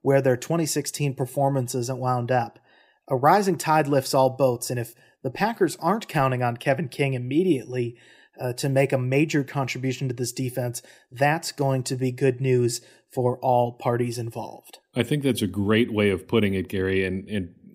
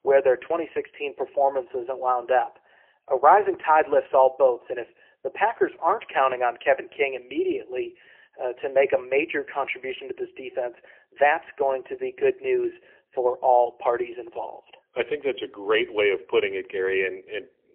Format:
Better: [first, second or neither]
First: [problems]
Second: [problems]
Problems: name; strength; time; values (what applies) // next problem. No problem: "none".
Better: first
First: none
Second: phone-call audio; poor line; nothing above 3 kHz